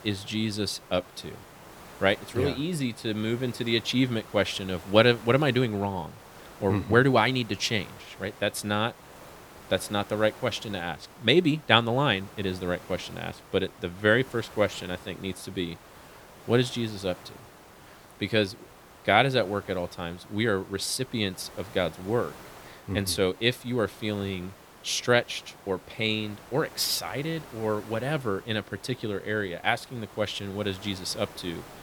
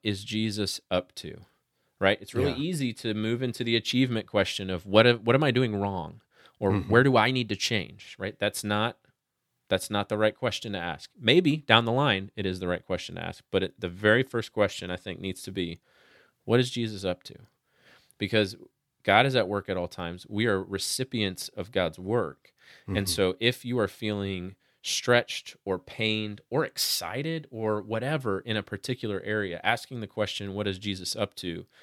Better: second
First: hiss; noticeable; throughout; 20 dB below the speech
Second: none

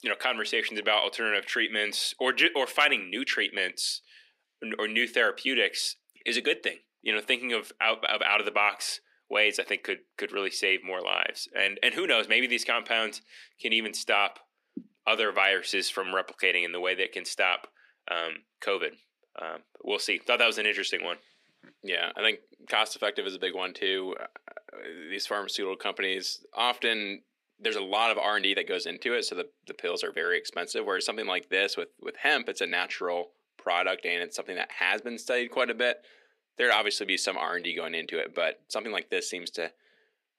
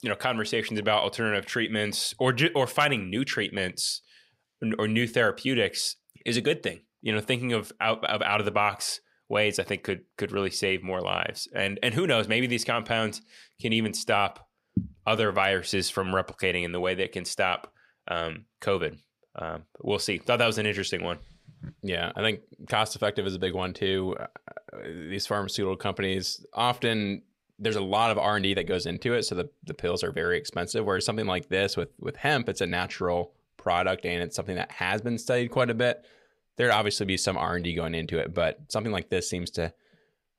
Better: second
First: thin; somewhat; fading below 250 Hz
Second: none

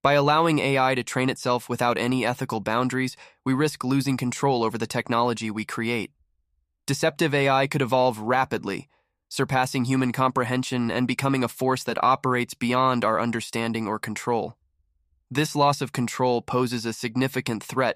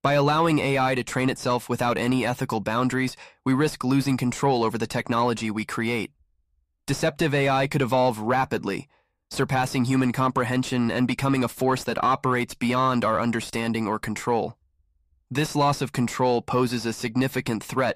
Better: first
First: none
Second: distortion; slight; 10 dB below the speech

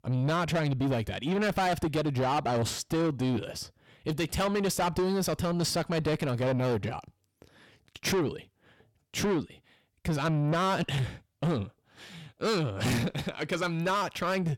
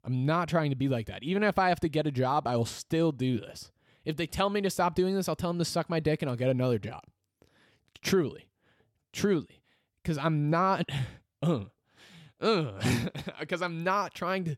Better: second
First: distortion; heavy; 7 dB below the speech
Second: none

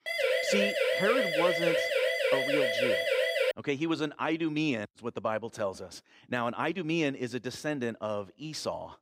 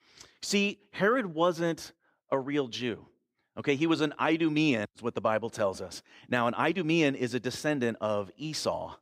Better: second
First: siren; loud; until 3.5 s; peak 6 dB above the speech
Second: none

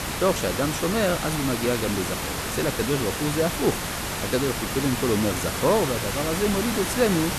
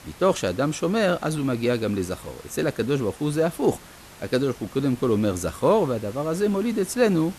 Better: second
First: hiss; loud; throughout; 2 dB below the speech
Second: hiss; faint; throughout; 20 dB below the speech

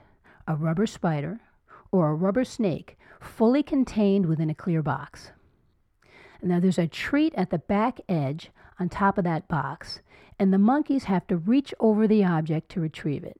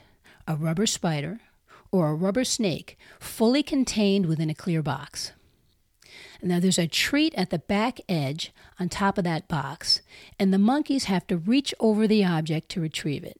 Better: second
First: muffled; very; fading above 2.5 kHz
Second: none

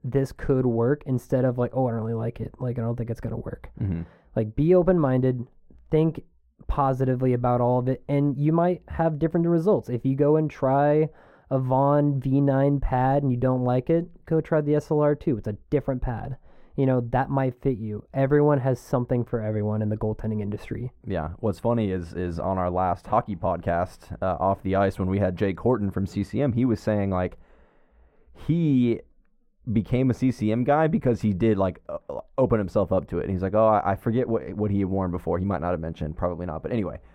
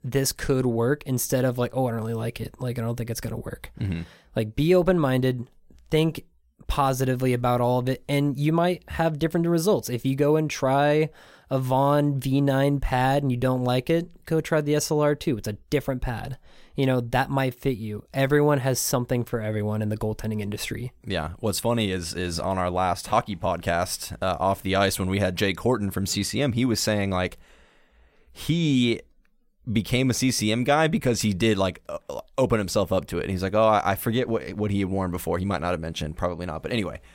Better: second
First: muffled; very; fading above 2.5 kHz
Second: none

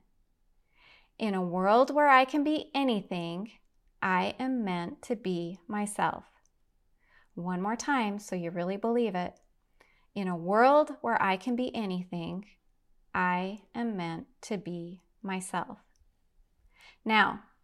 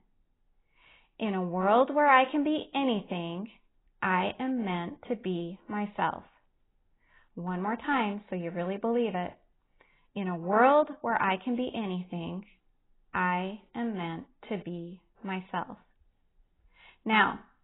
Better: first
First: none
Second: garbled, watery; badly; nothing above 3.5 kHz

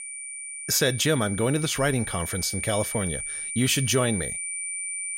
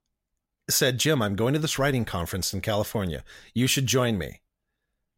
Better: second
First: high-pitched whine; loud; throughout; 9 kHz, 6 dB below the speech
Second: none

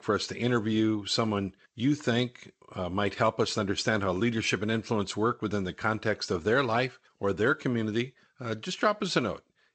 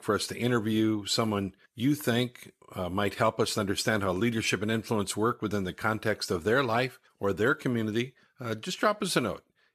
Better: second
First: garbled, watery; slightly; nothing above 8 kHz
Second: none

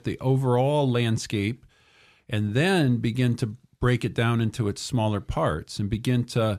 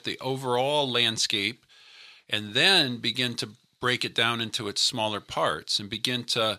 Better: first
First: none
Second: thin; somewhat; fading below 900 Hz

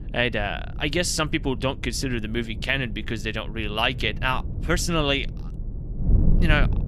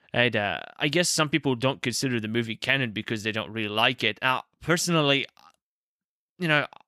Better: second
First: wind noise on the microphone; occasional gusts; 15 dB below the speech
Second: none

